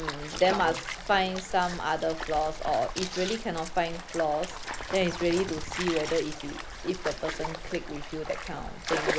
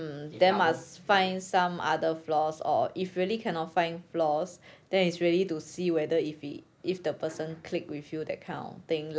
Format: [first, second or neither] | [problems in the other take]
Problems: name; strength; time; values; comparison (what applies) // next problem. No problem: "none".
second | background sound (Stream); 6 dB below the speech